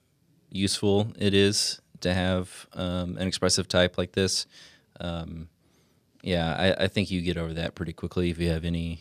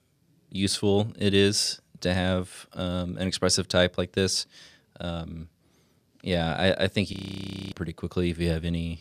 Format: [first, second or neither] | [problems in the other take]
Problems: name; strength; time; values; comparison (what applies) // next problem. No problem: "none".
first | audio freezing; at 7 s for 0.5 s